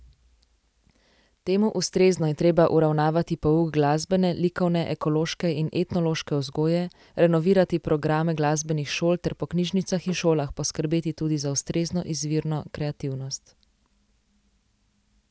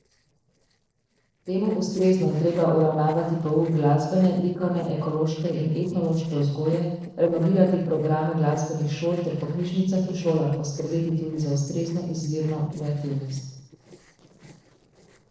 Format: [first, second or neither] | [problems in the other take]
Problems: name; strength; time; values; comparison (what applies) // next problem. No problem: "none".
first | noise reduction (neural separator model SepFormer DNS4)